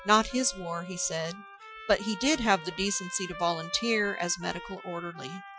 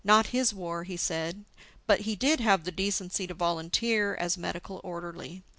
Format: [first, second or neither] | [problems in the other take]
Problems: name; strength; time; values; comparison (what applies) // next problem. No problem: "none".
second | noise reduction (classical method Wiener filter)